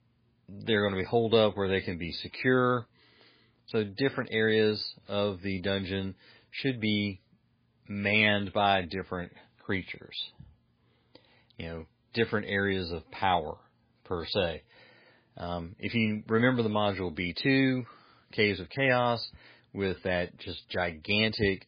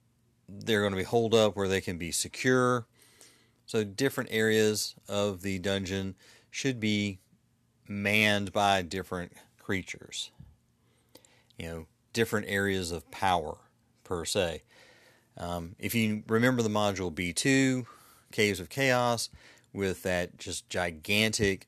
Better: second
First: garbled, watery; badly; nothing above 4.5 kHz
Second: none

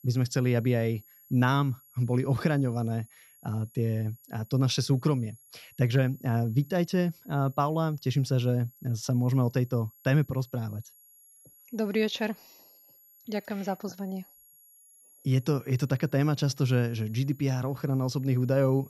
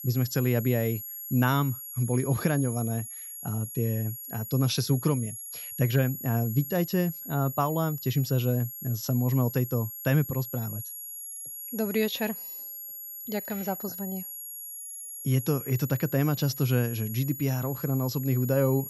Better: first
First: high-pitched whine; faint; throughout; 11.5 kHz, 25 dB below the speech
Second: high-pitched whine; loud; throughout; 11.5 kHz, 8 dB below the speech

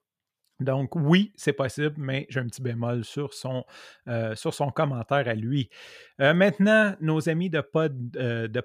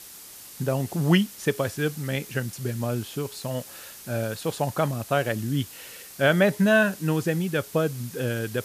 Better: first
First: none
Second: hiss; noticeable; throughout; 15 dB below the speech

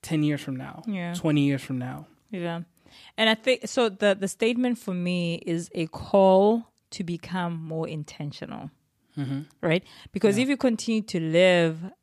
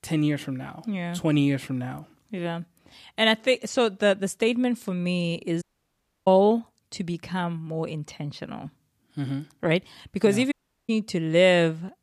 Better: first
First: none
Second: audio cutting out; at 5.5 s for 0.5 s and at 11 s

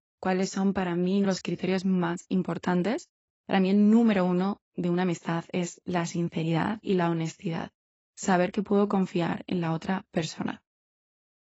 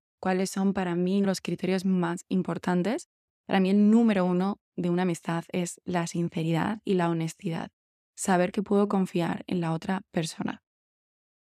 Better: second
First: garbled, watery; badly; nothing above 7.5 kHz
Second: none

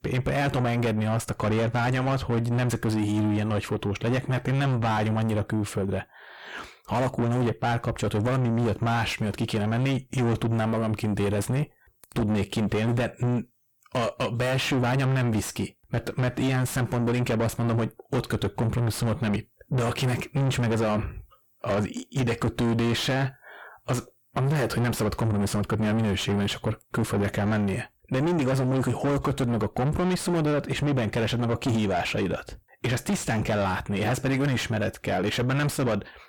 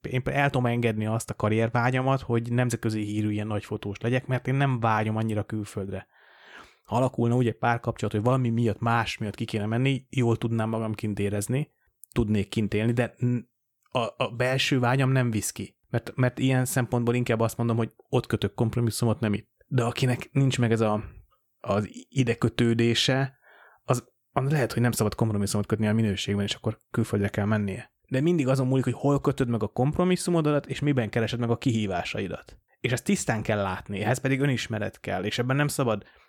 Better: second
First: distortion; heavy; 5 dB below the speech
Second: none

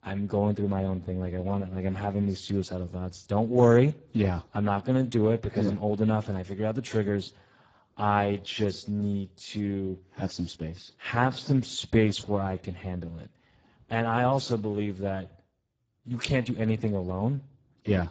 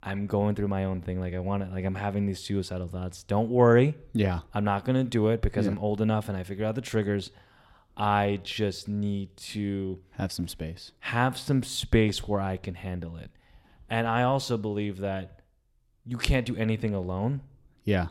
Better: second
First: garbled, watery; badly; nothing above 7.5 kHz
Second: none

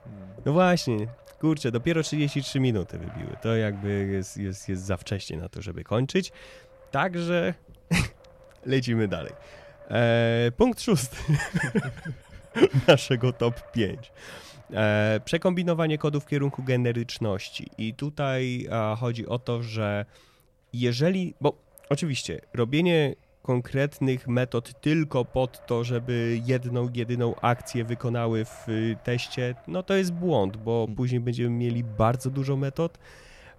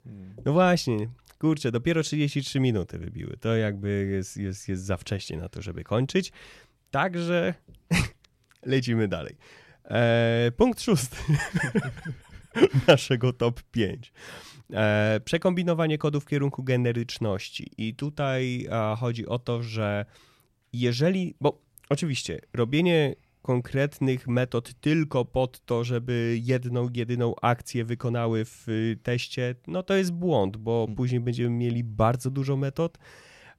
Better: second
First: wind noise on the microphone; occasional gusts; 20 dB below the speech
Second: none

